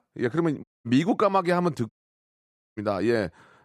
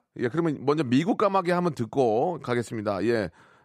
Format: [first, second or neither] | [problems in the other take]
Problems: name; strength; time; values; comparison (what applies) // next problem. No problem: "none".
second | audio cutting out; at 0.5 s and at 2 s for 1 s